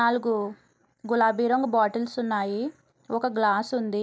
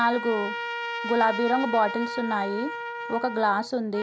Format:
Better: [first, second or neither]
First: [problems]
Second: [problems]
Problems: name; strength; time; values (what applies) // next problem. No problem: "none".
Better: first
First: none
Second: background sound (Trumpet); 7 dB below the speech